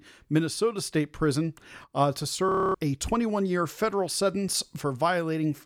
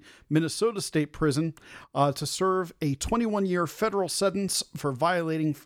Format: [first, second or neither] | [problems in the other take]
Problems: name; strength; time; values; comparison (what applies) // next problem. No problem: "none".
second | audio freezing; at 2.5 s